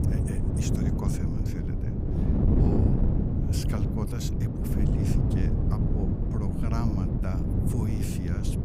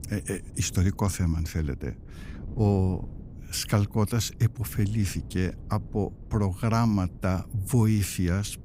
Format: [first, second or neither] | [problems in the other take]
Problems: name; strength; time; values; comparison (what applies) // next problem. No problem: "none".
second | wind noise on the microphone; heavy; 4 dB above the speech; occasional gusts in the second